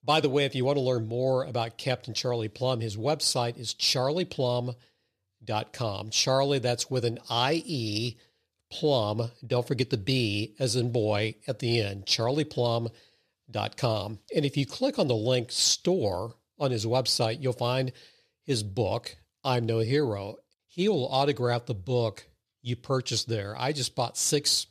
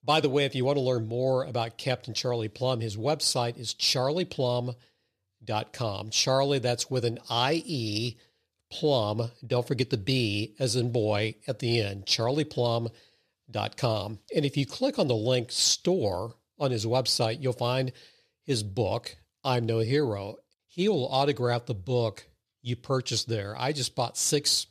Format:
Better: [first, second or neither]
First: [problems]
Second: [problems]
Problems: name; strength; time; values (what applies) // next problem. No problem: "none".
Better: neither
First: none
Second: none